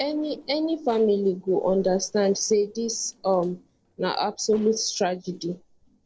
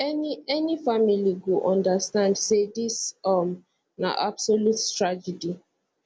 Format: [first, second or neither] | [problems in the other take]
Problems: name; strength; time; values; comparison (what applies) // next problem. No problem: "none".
second | noise reduction (neural separator model SepFormer DNS4)